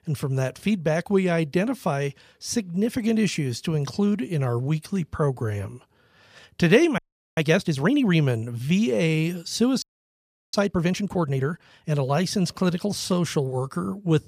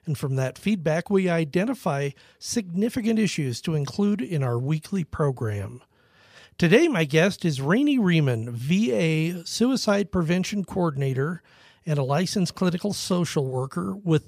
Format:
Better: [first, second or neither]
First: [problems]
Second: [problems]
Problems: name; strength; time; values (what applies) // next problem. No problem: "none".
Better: second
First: audio freezing; at 7 s and at 10 s for 0.5 s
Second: none